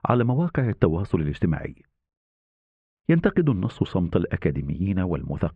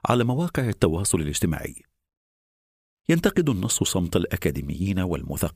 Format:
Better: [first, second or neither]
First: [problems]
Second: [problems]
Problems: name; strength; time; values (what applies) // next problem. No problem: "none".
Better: second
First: muffled; very; fading above 2 kHz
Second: none